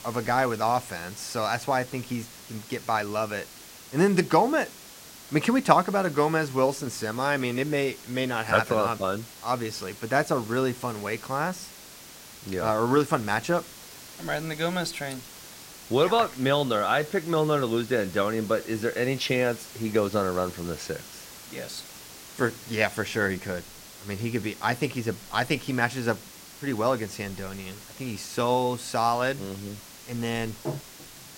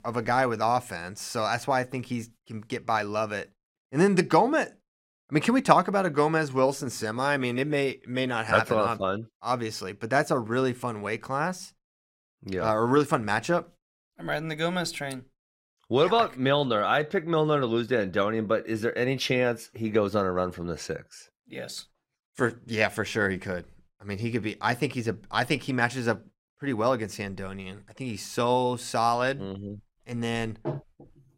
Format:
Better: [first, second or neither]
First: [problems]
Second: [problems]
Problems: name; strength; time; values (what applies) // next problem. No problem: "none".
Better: second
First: hiss; noticeable; throughout; 15 dB below the speech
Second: none